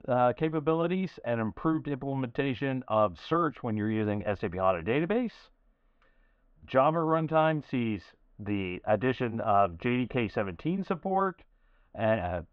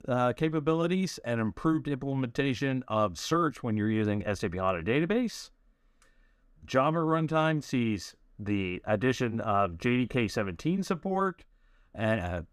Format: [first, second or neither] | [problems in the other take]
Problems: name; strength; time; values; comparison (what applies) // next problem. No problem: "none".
second | muffled; very; fading above 3 kHz